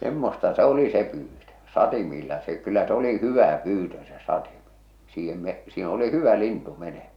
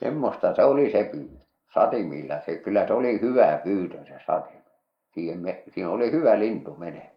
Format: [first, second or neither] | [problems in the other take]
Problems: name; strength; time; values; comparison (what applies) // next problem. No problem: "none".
first | noise reduction (neural mask model Resemble Enhance denoiser)